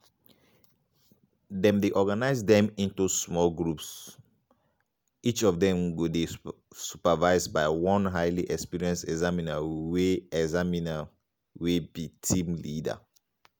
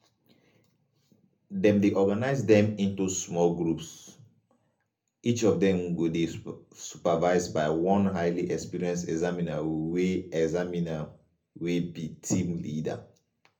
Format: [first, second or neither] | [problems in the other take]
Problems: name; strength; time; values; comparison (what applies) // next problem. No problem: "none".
first | room echo; dies away in 0.3 s